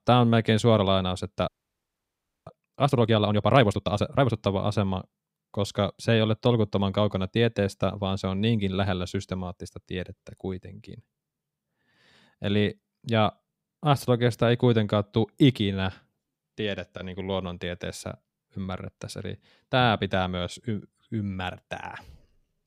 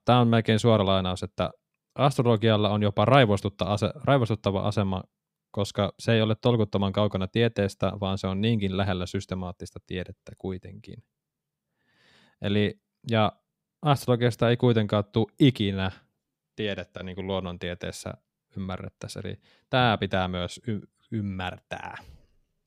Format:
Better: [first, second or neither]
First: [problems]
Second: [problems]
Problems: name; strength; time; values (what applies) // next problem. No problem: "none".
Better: second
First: audio freezing; at 1.5 s for 1 s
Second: none